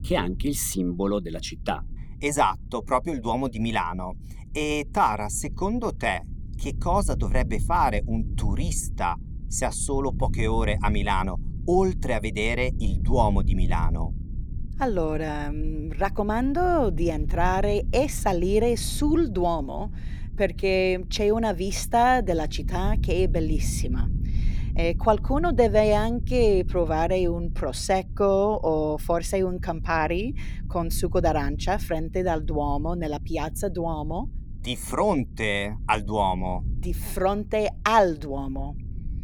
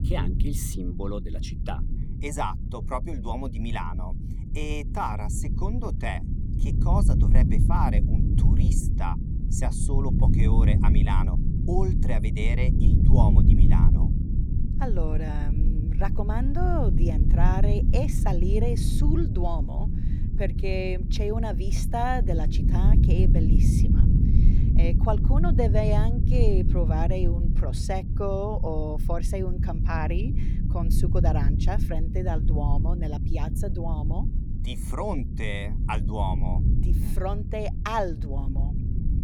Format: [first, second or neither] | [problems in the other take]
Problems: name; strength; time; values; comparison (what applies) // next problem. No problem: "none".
first | low rumble; loud; throughout; 6 dB below the speech; faint in the first